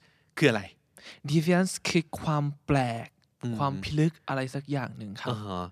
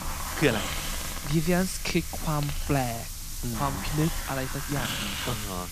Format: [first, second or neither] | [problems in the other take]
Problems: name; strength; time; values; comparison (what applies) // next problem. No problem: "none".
first | hiss; loud; throughout; 3 dB below the speech